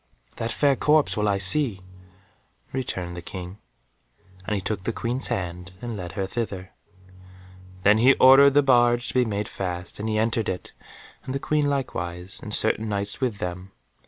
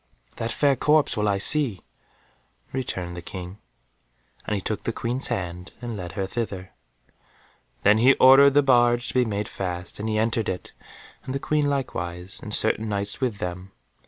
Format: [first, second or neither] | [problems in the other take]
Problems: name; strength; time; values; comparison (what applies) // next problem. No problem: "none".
second | background sound (Bowed string instrument); 19 dB below the speech